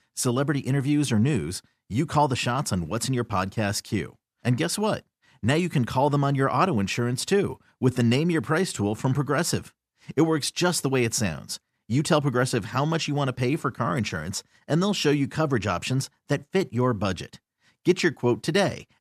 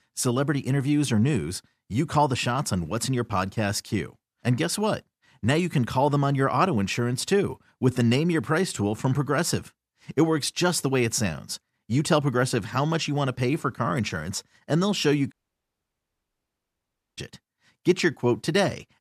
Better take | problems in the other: first | audio cutting out; at 15 s for 2 s

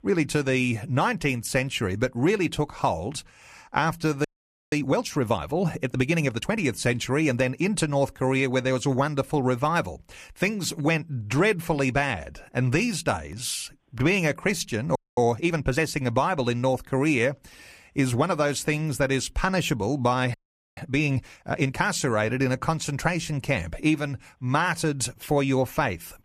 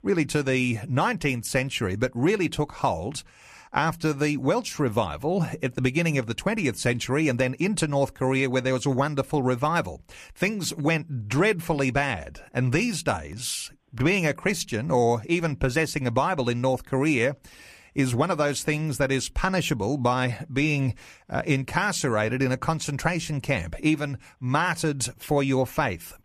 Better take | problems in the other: second | audio freezing; at 4.5 s, at 15 s and at 20 s

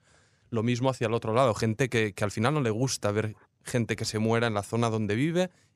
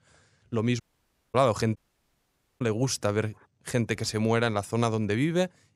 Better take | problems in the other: first | audio cutting out; at 1 s for 0.5 s and at 2 s for 1 s

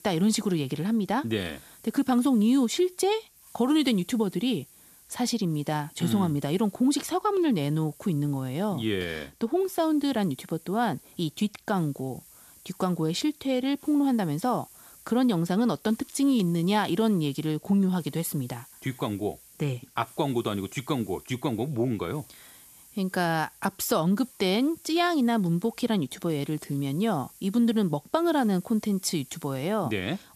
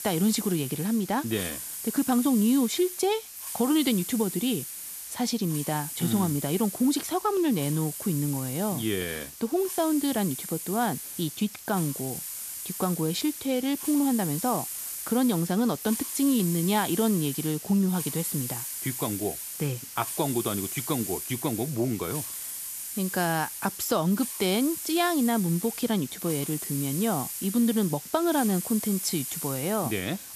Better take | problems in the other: first | hiss; loud; throughout; 6 dB below the speech; faint in the first

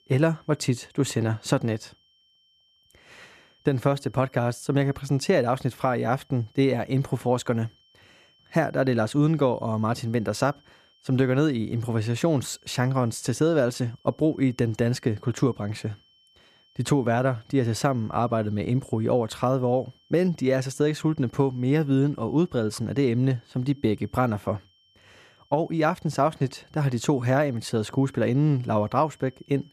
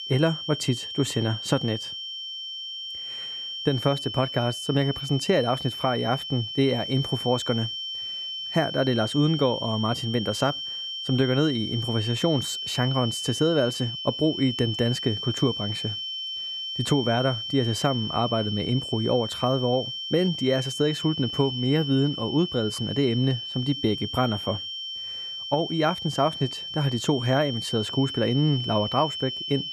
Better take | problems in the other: first | high-pitched whine; loud; throughout; 3 kHz, 5 dB below the speech; faint in the first

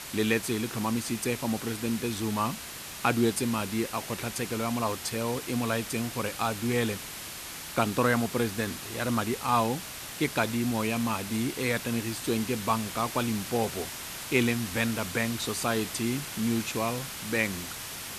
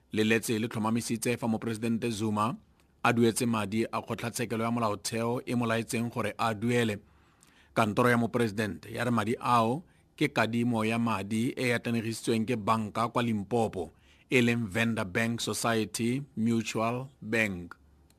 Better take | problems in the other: second | hiss; loud; throughout; 7 dB below the speech

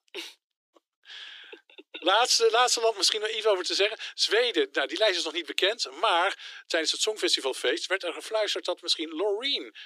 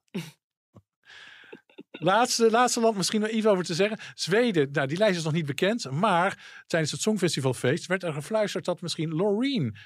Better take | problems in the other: second | thin; very; fading below 300 Hz

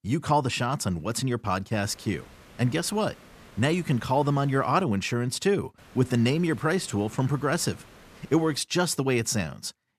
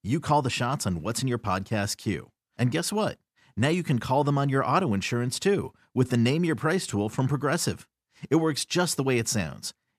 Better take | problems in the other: second | hiss; faint; from 1.5 to 5 s and from 6 to 8.5 s; 25 dB below the speech

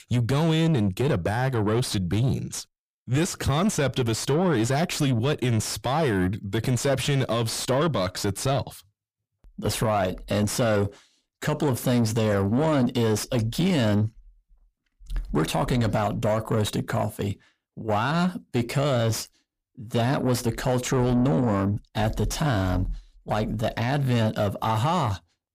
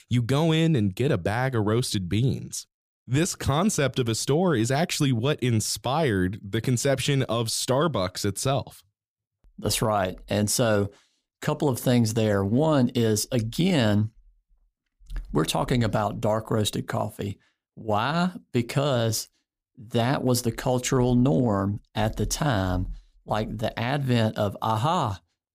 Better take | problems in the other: second | distortion; slight; 10 dB below the speech

